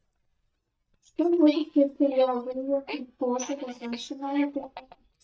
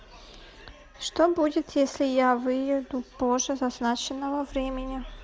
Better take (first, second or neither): second